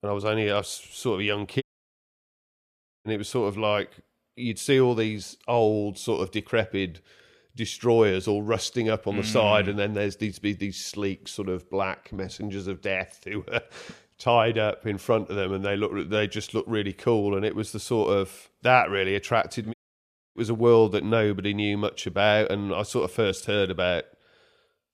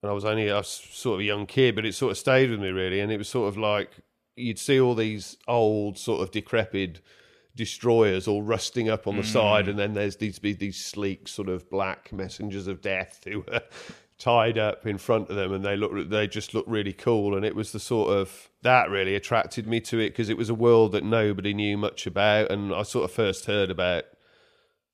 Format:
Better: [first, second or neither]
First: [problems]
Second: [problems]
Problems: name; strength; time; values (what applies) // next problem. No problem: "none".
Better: second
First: audio cutting out; at 1.5 s for 1.5 s and at 20 s for 0.5 s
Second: none